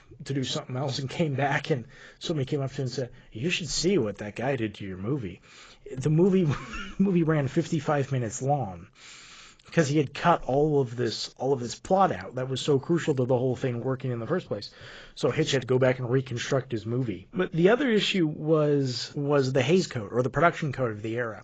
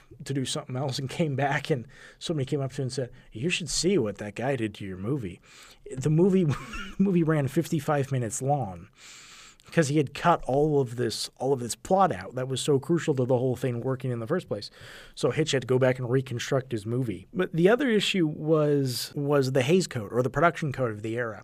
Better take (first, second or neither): second